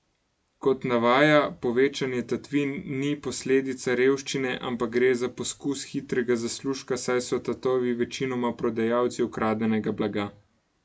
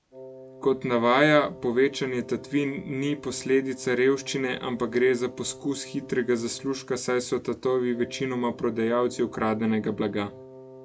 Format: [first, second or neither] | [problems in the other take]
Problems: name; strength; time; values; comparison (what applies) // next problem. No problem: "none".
first | background sound (Wind instrument, woodwind instrument); 19 dB below the speech